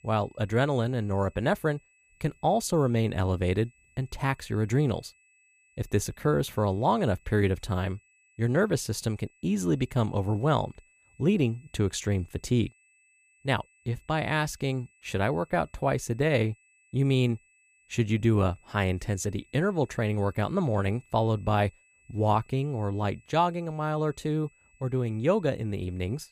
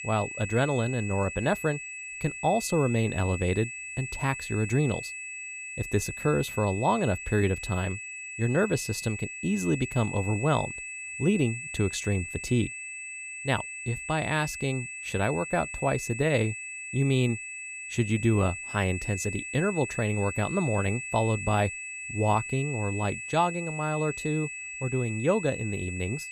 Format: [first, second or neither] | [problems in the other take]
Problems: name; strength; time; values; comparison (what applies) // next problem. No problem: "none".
first | high-pitched whine; loud; throughout; 2.5 kHz, 7 dB below the speech; faint in the first